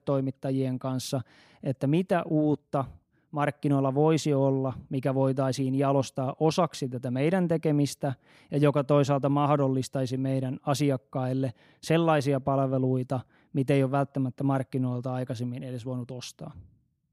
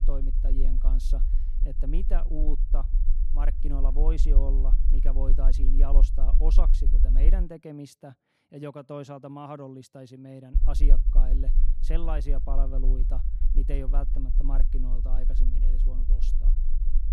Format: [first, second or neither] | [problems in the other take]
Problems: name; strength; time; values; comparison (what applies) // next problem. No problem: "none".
first | low rumble; noticeable; until 7.5 s and from 11 s on; 10 dB below the speech